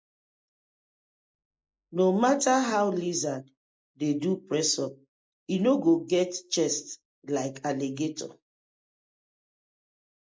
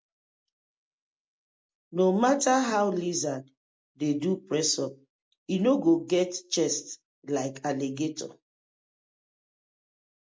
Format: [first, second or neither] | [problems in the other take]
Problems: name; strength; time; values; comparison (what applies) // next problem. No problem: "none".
second | noise reduction (neural mask model Resemble Enhance denoiser)